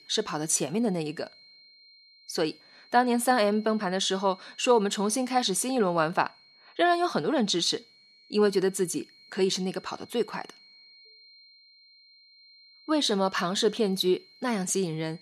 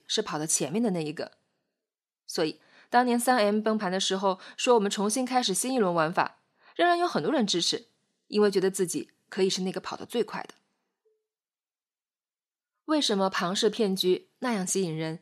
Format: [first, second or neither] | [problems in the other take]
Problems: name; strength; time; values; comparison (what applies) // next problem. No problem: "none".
second | high-pitched whine; faint; throughout; 4 kHz, 25 dB below the speech